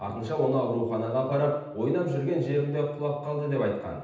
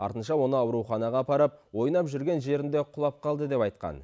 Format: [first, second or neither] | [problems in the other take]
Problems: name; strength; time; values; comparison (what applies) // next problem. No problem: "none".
second | room echo; dies away in 0.9 s